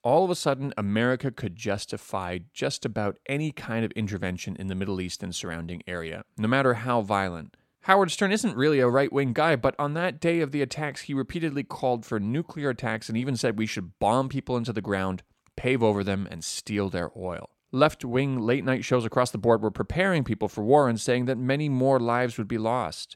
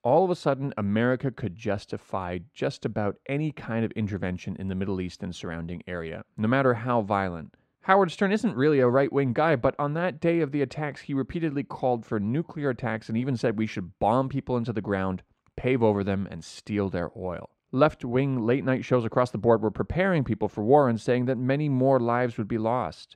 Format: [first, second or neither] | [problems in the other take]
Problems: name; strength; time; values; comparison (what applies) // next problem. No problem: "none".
first | muffled; slightly; fading above 1.5 kHz